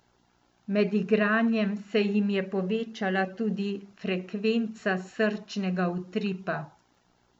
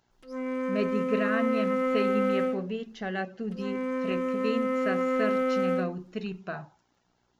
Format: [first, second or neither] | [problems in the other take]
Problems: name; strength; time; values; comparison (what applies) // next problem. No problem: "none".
first | background sound (Wind instrument, woodwind instrument); 5 dB above the speech